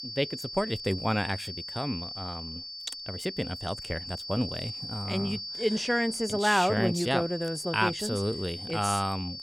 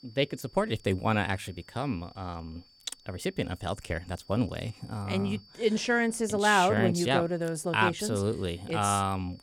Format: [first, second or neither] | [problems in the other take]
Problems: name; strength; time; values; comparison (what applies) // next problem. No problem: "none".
second | high-pitched whine; loud; throughout; 4.5 kHz, 7 dB below the speech; faint in the second